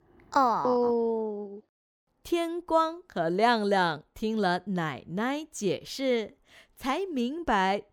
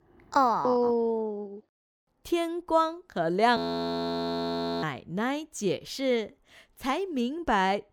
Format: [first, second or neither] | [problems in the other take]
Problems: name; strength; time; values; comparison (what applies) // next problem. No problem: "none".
first | audio freezing; at 3.5 s for 1.5 s